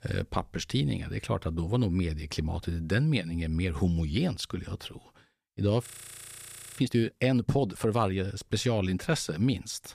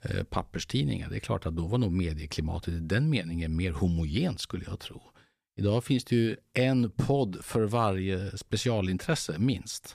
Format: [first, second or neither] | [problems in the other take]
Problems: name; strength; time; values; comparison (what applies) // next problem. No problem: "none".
second | audio freezing; at 6 s for 1 s